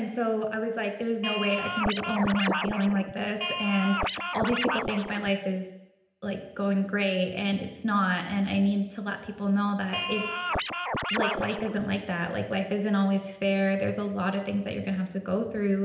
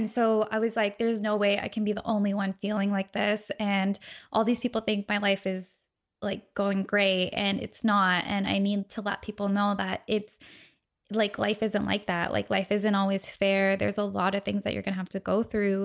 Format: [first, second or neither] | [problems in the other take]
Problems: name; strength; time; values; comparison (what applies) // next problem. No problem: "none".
second | background sound (Scratching (performance technique)); 3 dB below the speech // room echo; dies away in 0.8 s